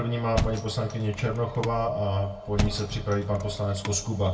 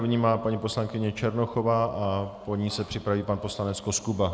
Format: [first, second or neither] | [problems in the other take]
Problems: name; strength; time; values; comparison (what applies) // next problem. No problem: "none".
second | background sound (Thump, thud); 7 dB below the speech // room echo; dies away in 0.2 s